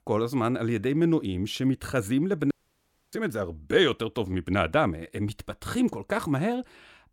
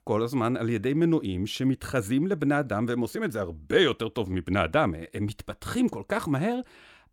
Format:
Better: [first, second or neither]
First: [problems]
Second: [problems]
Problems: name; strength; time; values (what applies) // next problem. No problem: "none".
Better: second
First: audio cutting out; at 2.5 s for 0.5 s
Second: none